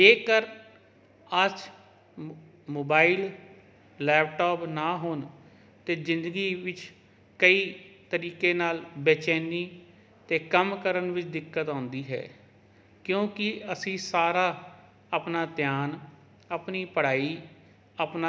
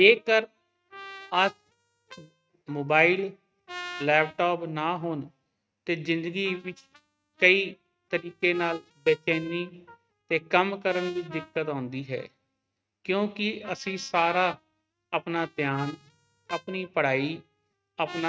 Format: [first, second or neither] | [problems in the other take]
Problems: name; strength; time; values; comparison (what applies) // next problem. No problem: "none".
first | noise reduction (neural mask model RNNoise)